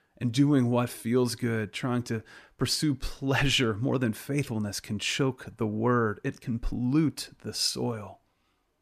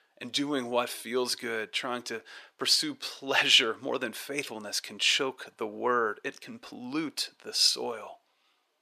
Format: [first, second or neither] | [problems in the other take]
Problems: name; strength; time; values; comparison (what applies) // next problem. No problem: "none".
first | thin; somewhat; fading below 500 Hz